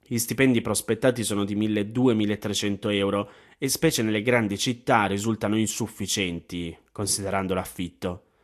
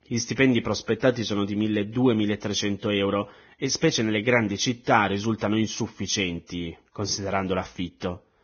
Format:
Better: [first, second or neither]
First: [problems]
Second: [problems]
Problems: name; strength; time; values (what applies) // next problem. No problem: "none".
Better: first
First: garbled, watery; slightly; nothing above 12.5 kHz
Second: garbled, watery; badly; nothing above 6.5 kHz